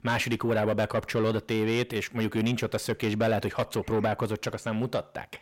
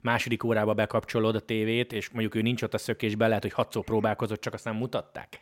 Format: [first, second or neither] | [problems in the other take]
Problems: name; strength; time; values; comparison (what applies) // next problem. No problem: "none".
second | distortion; slight; 10 dB below the speech